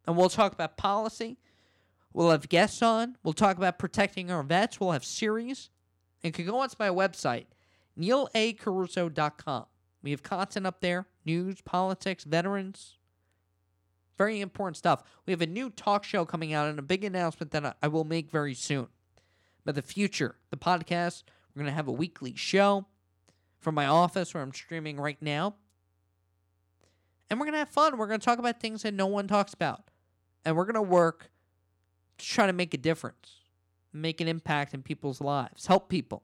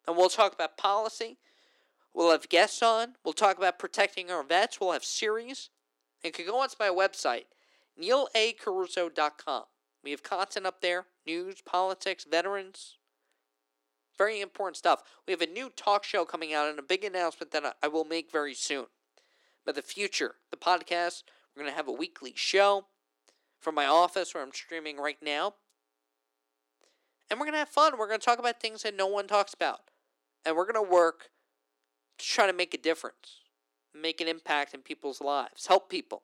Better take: first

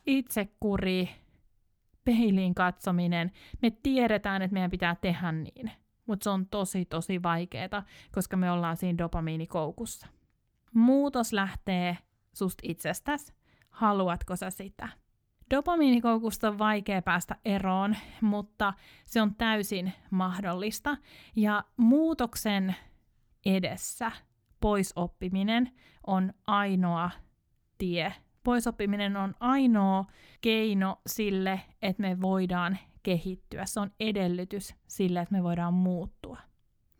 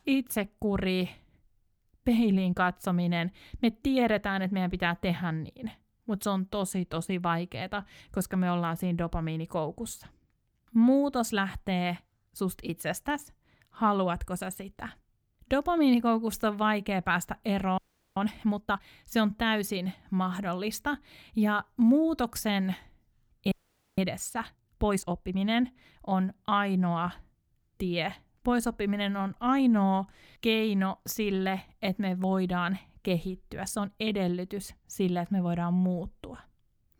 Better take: first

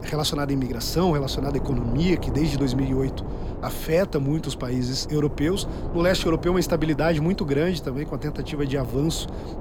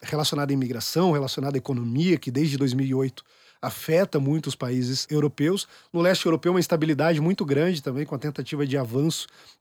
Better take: second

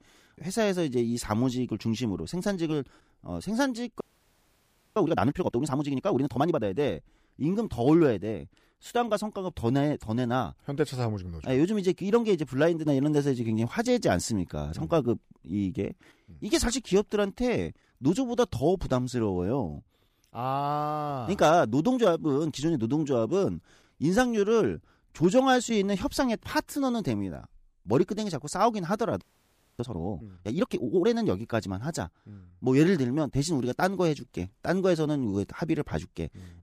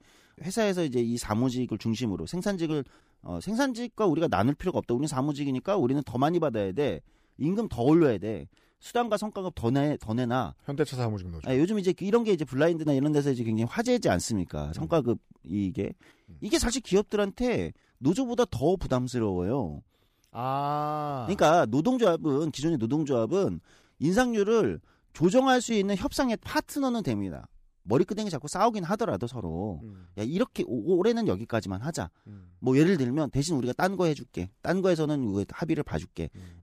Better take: second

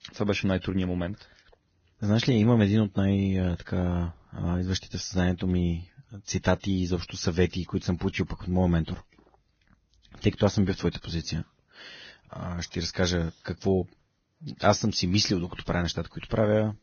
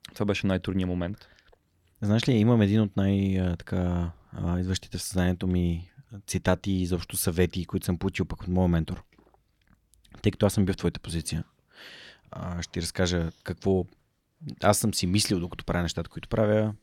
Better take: second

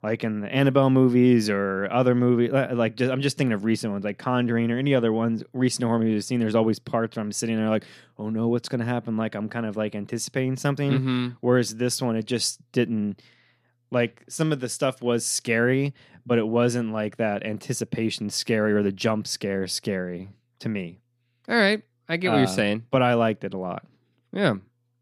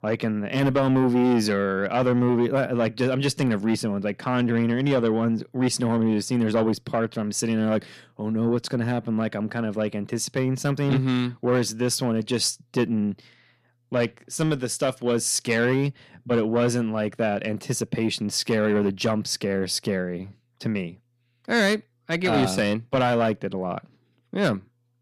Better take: first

